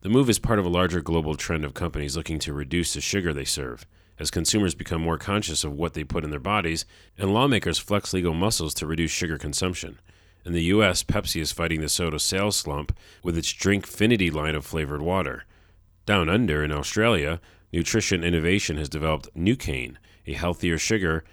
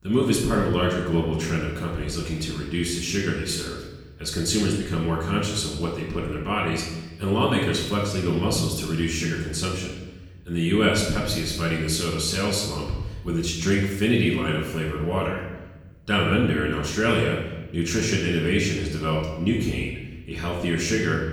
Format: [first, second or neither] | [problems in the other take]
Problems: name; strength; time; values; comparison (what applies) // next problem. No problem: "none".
first | off-mic speech; far // room echo; noticeable; dies away in 1 s